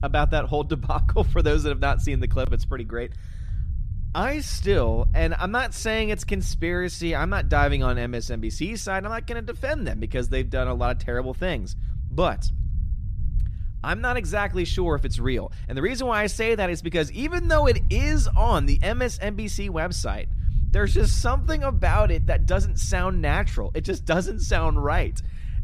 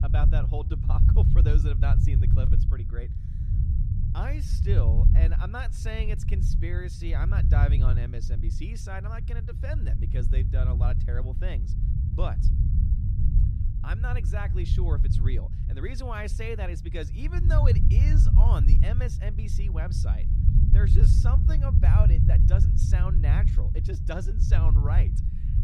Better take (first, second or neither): first